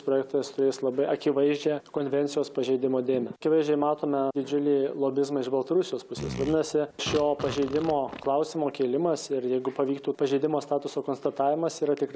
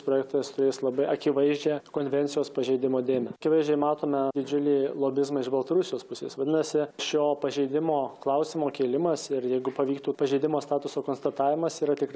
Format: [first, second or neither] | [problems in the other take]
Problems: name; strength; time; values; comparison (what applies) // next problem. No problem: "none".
second | background sound (Fart); 12 dB below the speech